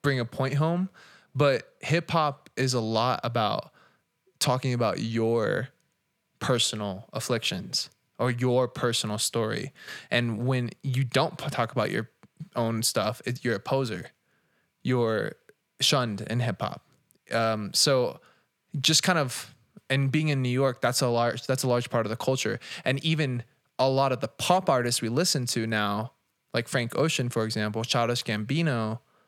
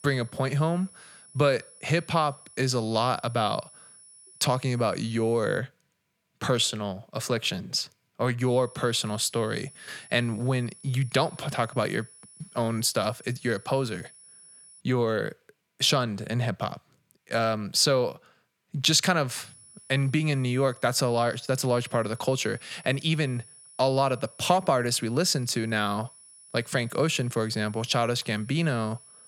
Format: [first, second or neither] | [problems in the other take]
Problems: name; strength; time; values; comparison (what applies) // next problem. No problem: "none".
first | high-pitched whine; faint; until 5.5 s, from 8.5 to 15 s and from 19 s on; 10 kHz, 20 dB below the speech